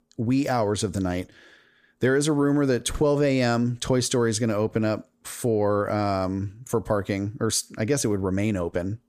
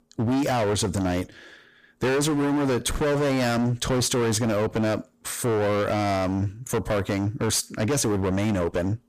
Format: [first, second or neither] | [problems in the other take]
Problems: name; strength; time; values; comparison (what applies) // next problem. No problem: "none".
first | distortion; heavy; 28% of the sound clipped